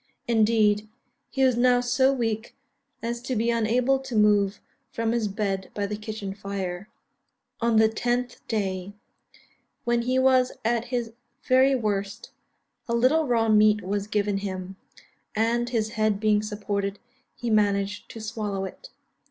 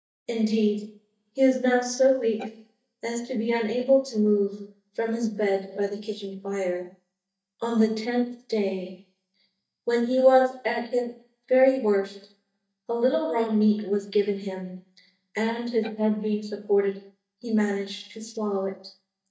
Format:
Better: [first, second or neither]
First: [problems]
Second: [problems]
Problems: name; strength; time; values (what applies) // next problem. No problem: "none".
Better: first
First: none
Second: noise reduction (neural mask model DeepFilterNet 3)